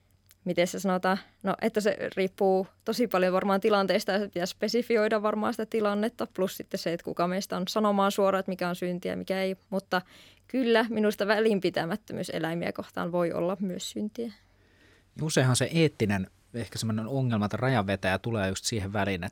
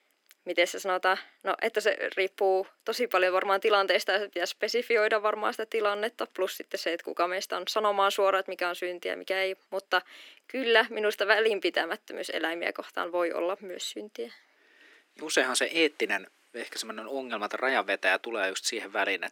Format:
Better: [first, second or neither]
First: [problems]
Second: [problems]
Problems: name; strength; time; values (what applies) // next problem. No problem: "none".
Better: first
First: none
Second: thin; very; fading below 300 Hz